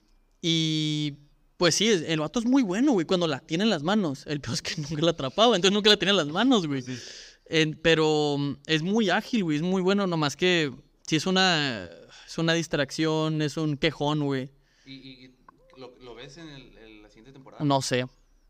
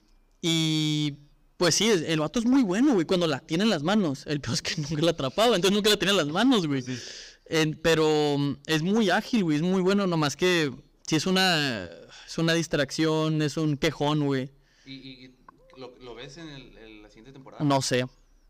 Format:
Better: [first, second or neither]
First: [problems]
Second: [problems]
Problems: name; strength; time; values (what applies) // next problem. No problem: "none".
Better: first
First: none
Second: distortion; slight; 4% of the sound clipped